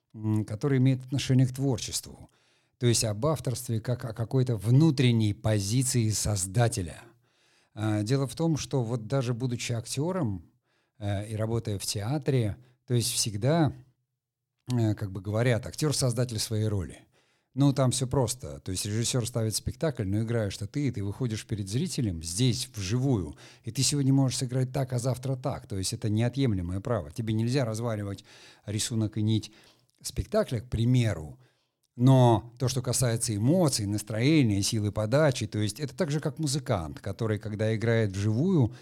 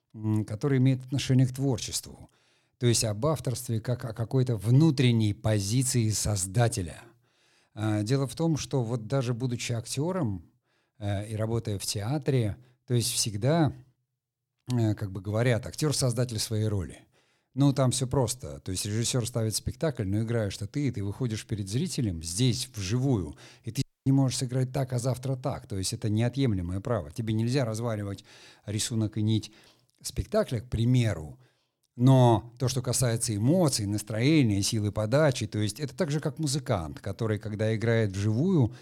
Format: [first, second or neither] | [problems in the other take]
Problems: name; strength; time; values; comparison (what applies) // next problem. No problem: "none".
first | audio cutting out; at 24 s